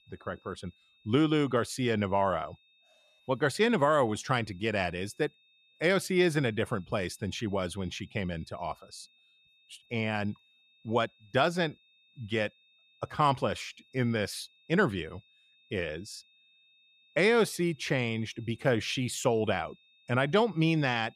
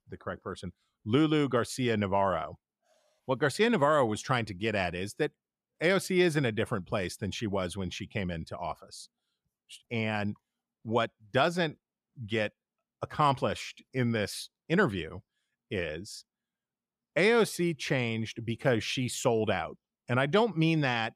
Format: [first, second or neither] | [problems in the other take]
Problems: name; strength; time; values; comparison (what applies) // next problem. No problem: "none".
second | high-pitched whine; faint; throughout; 3.5 kHz, 35 dB below the speech